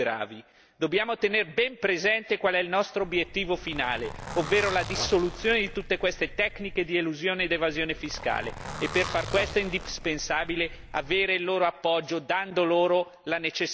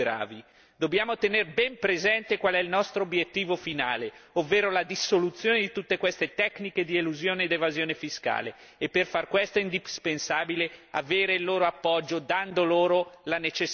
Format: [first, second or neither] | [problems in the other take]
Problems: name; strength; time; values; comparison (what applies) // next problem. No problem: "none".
second | background sound (Zipper (clothing)); 11 dB below the speech